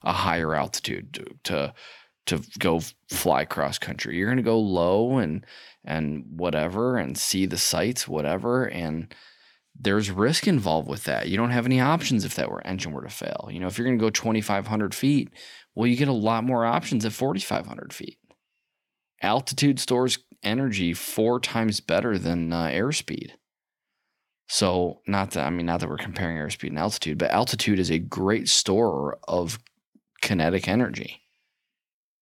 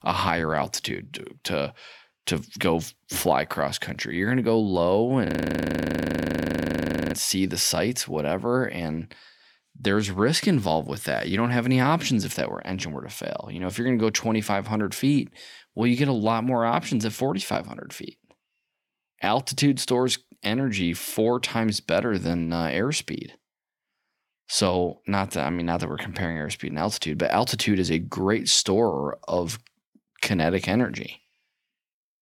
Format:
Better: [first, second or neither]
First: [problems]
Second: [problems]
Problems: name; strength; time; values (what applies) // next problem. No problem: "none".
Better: first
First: none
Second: audio freezing; at 5.5 s for 2 s